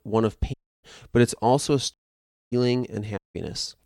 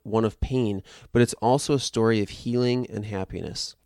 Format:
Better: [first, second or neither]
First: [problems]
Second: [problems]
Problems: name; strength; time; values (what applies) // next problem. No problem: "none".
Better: second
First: audio cutting out; at 0.5 s, at 2 s for 0.5 s and at 3 s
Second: none